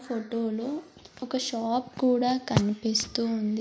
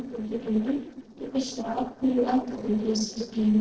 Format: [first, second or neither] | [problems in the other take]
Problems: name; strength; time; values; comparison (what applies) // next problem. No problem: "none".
first | noise reduction (neural separator model SepFormer DNS4)